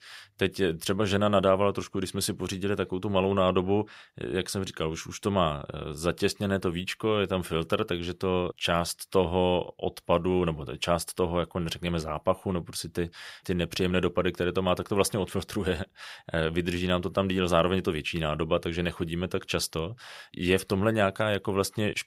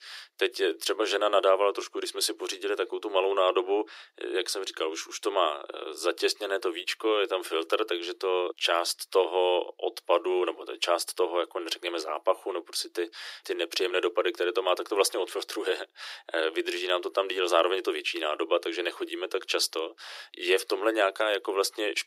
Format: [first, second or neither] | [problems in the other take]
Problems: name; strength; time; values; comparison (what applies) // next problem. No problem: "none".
first | thin; very; fading below 350 Hz